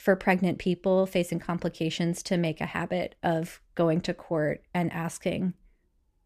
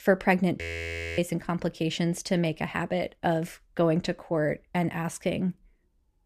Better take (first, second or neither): first